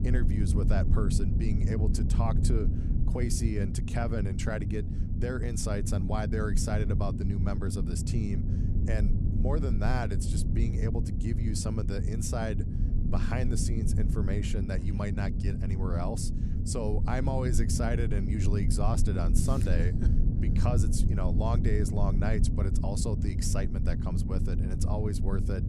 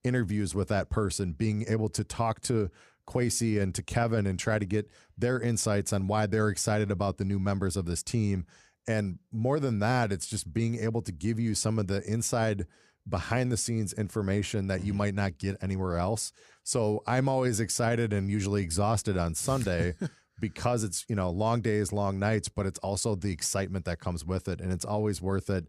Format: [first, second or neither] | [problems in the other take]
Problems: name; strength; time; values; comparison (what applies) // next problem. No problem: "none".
second | low rumble; loud; throughout; 5 dB below the speech